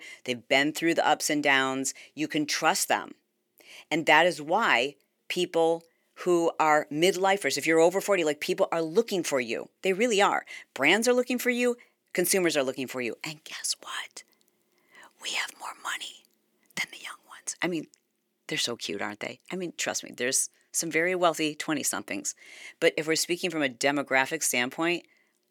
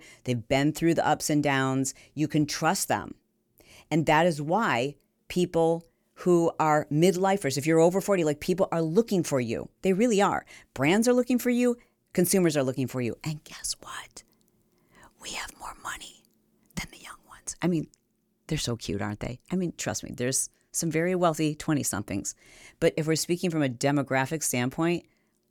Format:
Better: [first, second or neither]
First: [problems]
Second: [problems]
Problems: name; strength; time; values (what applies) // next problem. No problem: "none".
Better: second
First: thin; somewhat; fading below 350 Hz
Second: none